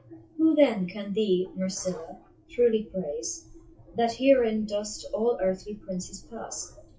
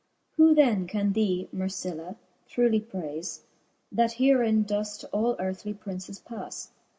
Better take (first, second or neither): second